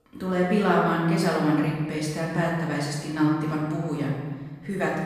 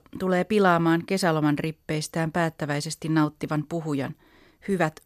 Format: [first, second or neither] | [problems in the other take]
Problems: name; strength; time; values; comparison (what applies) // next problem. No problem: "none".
second | room echo; noticeable; dies away in 1.4 s // off-mic speech; far